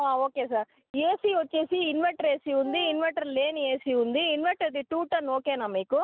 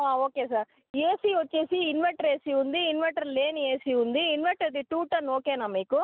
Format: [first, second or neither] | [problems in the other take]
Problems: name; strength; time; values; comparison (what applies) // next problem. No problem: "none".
second | background sound (Wind instrument, woodwind instrument); 14 dB below the speech